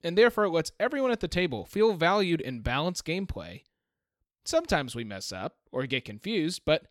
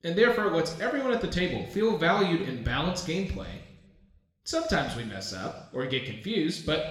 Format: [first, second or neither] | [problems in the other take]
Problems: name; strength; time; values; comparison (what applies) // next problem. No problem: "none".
first | room echo; slight; dies away in 1 s // off-mic speech; somewhat distant